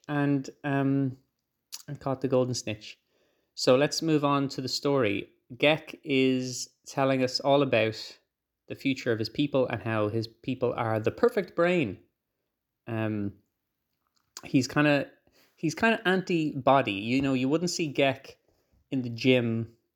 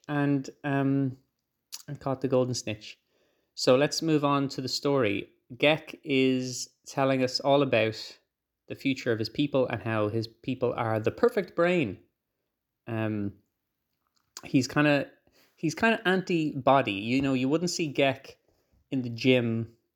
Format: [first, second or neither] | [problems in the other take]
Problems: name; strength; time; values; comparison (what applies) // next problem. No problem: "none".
neither | none